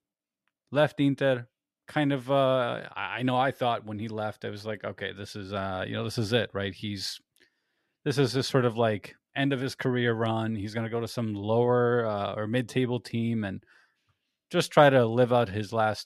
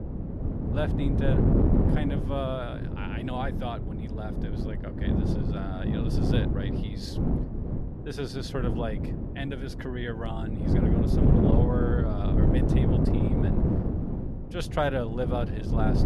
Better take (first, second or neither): first